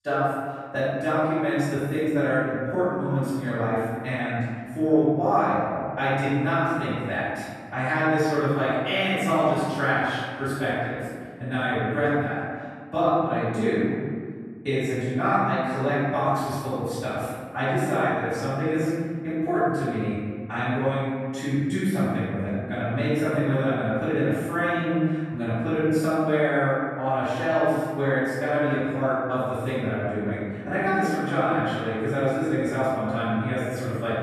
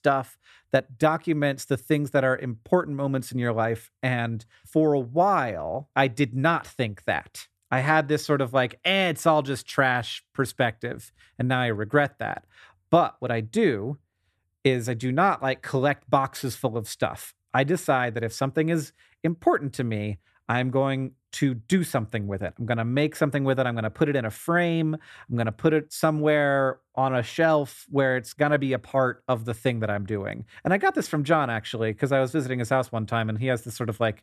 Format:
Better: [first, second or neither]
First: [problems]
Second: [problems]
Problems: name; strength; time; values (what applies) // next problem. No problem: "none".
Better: second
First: off-mic speech; far // room echo; strong; dies away in 1.8 s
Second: none